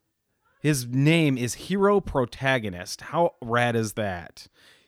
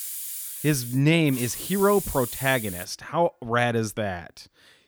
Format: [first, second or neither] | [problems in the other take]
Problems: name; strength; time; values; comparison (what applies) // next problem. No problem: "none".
first | hiss; loud; until 3 s; 8 dB below the speech